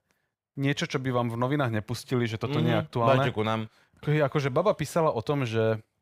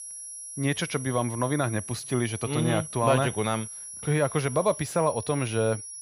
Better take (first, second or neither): first